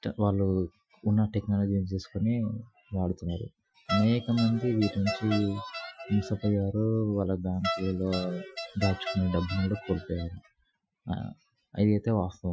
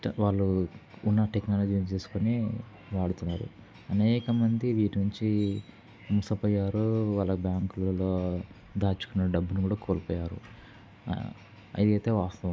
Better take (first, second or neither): second